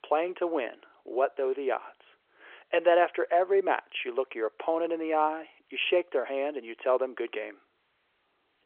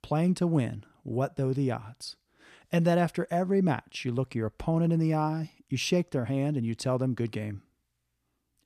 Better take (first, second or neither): second